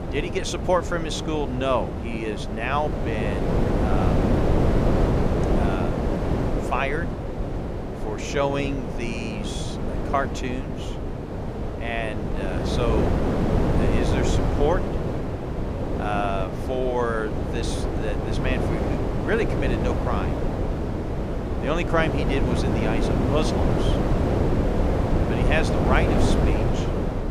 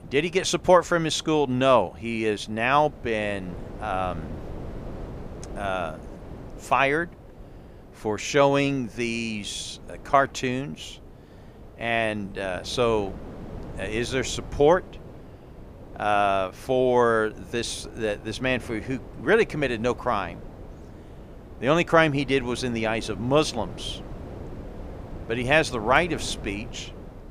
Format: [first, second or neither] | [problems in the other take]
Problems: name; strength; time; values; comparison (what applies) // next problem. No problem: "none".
second | wind noise on the microphone; heavy; 1 dB below the speech; occasional gusts in the second